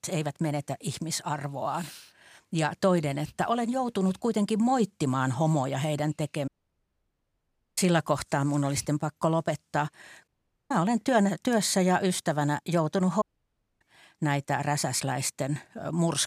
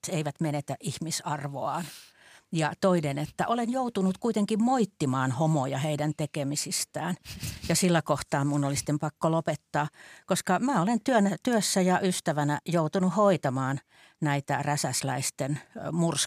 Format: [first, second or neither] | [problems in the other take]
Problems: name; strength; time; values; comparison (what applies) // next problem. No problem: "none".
second | audio cutting out; at 6.5 s for 1.5 s, at 10 s and at 13 s for 0.5 s